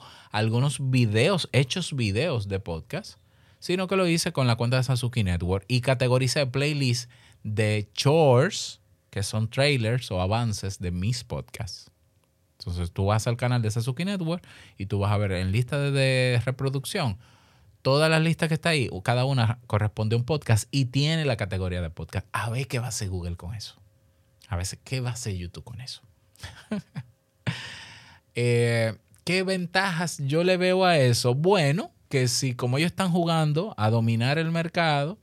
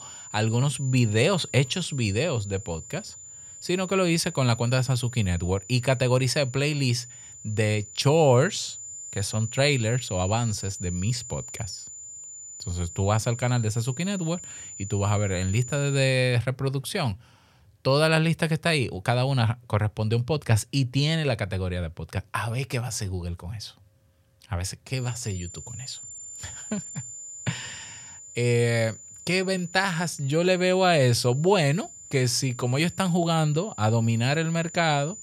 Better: first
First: none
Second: high-pitched whine; noticeable; until 16 s and from 25 s on; 7 kHz, 15 dB below the speech

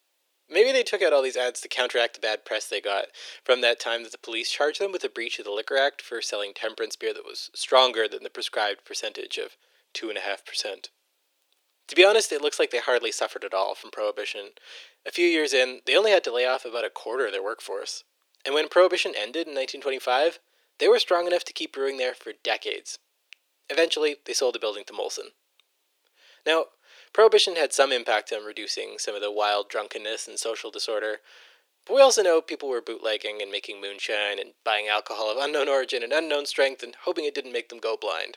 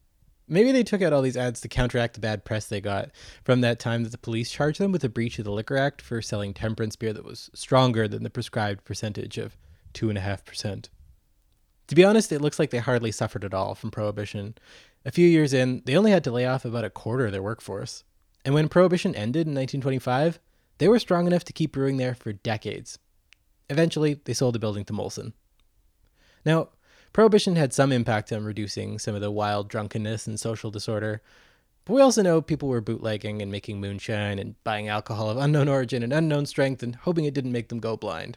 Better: second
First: thin; very; fading below 400 Hz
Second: none

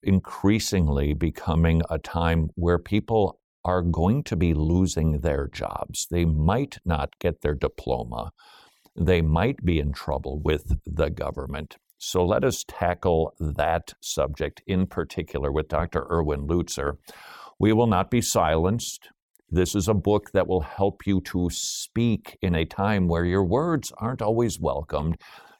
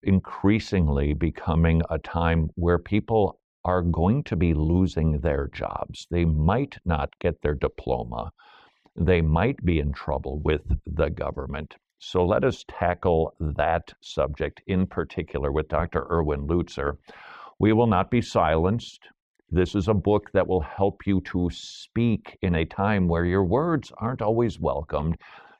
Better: first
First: none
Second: muffled; slightly; fading above 2.5 kHz

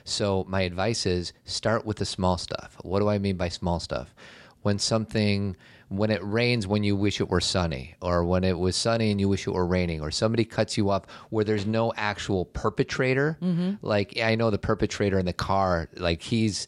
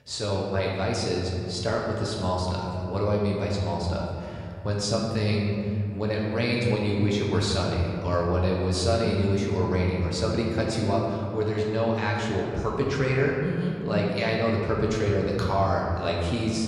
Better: first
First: none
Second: room echo; noticeable; dies away in 2.3 s // off-mic speech; far

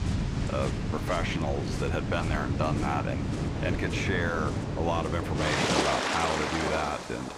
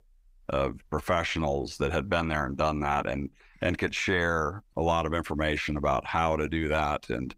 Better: second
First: rain or running water; very loud; throughout; 1 dB above the speech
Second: none

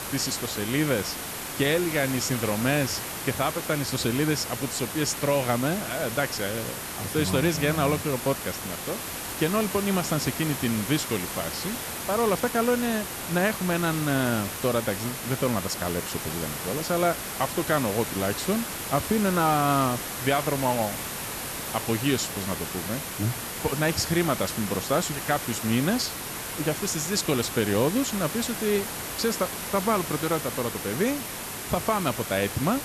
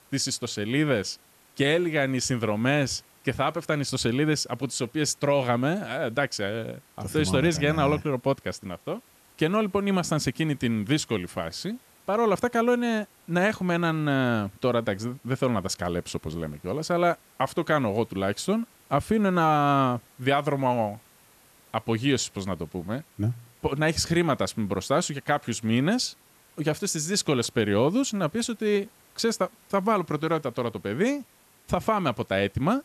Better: second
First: hiss; loud; throughout; 5 dB below the speech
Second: hiss; faint; throughout; 30 dB below the speech

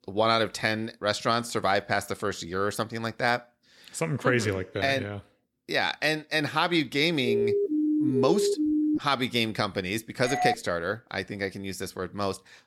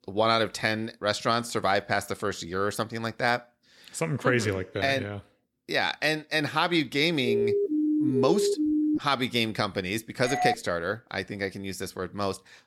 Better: neither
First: siren; loud; from 7 to 9 s; peak 2 dB above the speech // doorbell; noticeable; at 10 s; peak 1 dB below the speech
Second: siren; loud; from 7 to 9 s; peak 2 dB above the speech // doorbell; noticeable; at 10 s; peak 1 dB below the speech

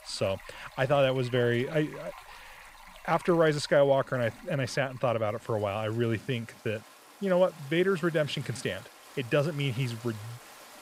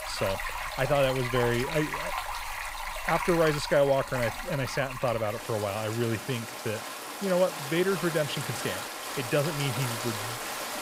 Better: first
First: rain or running water; faint; throughout; 20 dB below the speech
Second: rain or running water; loud; throughout; 5 dB below the speech

